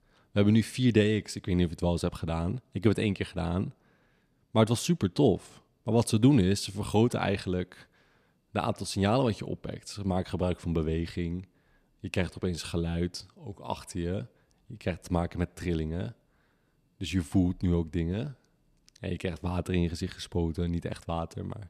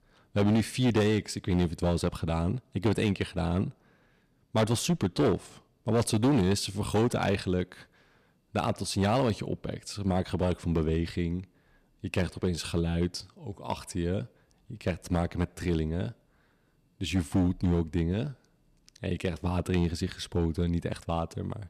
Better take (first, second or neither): first